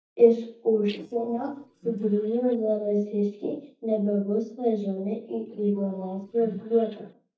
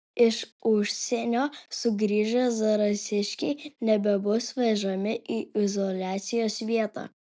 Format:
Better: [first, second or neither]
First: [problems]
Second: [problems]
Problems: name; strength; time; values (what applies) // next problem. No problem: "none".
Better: second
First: noise reduction (neural mask model DeepFilterNet 3)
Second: none